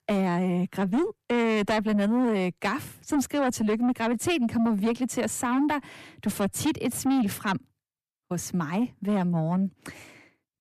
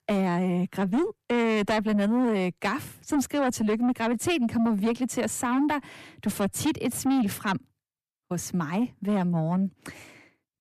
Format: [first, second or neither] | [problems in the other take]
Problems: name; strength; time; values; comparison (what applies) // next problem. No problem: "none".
neither | distortion; slight; 10 dB below the speech; the same in both